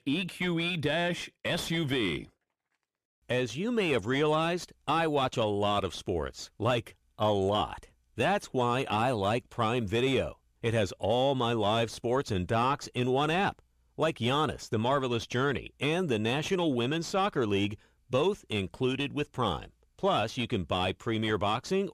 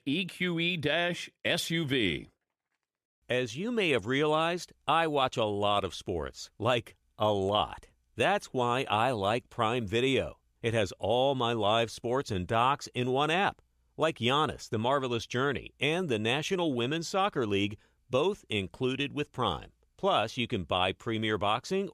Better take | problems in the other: second | distortion; slight; 10 dB below the speech

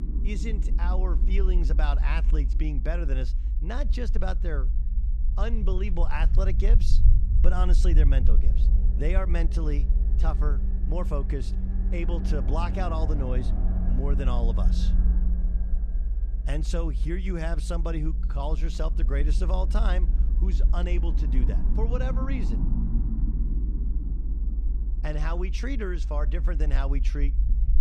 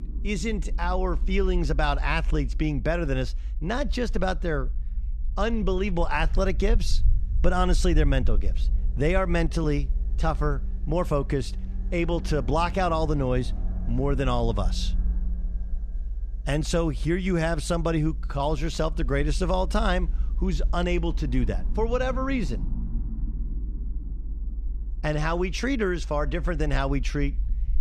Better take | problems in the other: second | low rumble; loud; throughout; 9 dB below the speech; faint in the second

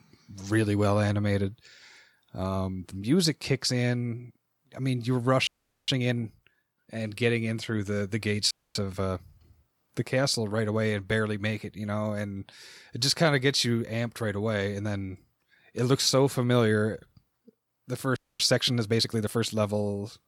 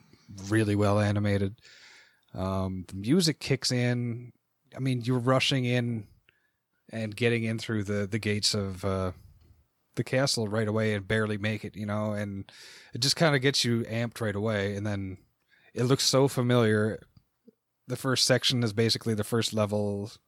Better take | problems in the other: second | audio freezing; at 5.5 s, at 8.5 s and at 18 s

